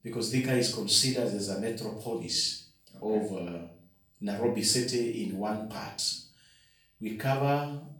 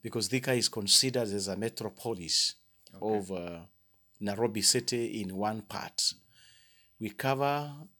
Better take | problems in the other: second | off-mic speech; far // room echo; slight; dies away in 0.4 s

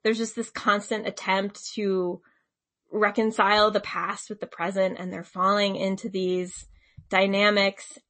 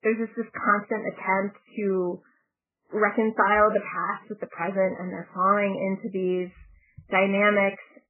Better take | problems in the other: first | garbled, watery; badly; nothing above 3 kHz; slightly in the first

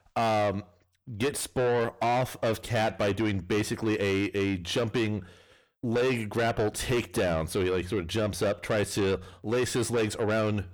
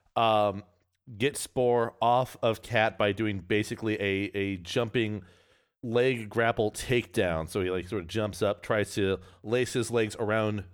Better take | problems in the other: second | distortion; heavy; 7 dB below the speech

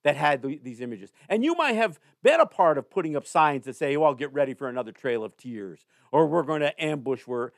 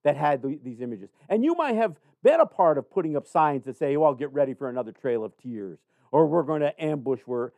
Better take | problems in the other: first | muffled; slightly; fading above 1.5 kHz

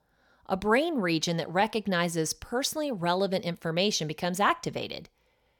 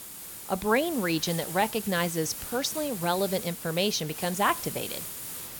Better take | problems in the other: first | hiss; loud; throughout; 8 dB below the speech

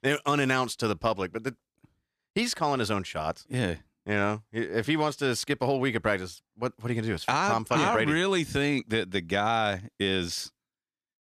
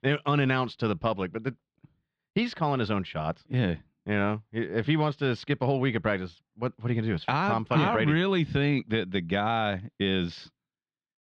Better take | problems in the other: first | muffled; slightly; fading above 3.5 kHz

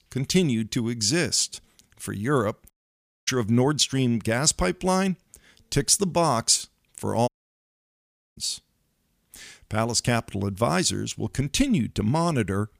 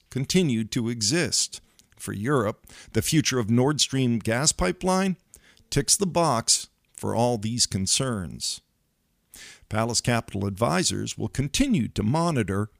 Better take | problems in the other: second | audio cutting out; at 2.5 s for 0.5 s and at 7.5 s for 1 s

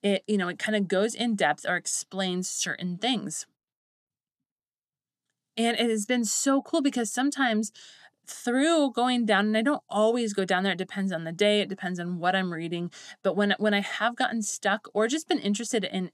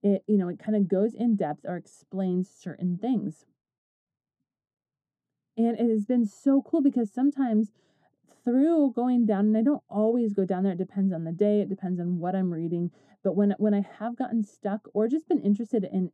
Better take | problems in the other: first | muffled; very; fading above 1 kHz

